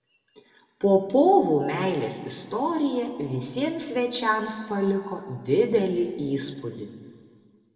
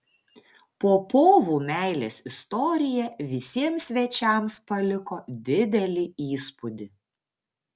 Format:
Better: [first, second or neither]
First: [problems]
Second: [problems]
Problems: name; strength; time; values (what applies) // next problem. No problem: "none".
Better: second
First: room echo; dies away in 1.9 s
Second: none